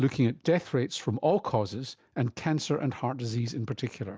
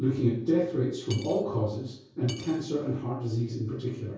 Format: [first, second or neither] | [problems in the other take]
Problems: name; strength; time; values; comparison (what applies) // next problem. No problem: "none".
first | background sound (Cutlery, silverware / Dishes, pots, and pans); 20 dB below the speech // room echo; dies away in 0.6 s